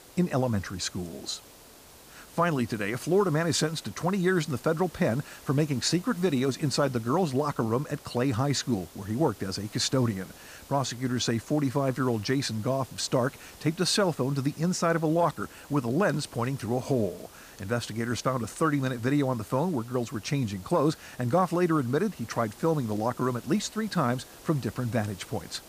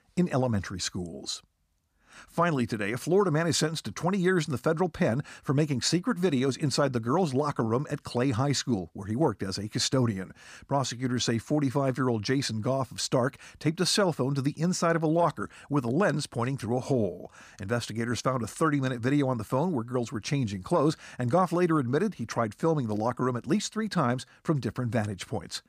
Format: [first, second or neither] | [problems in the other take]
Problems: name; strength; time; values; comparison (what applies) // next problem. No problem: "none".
second | hiss; faint; throughout; 20 dB below the speech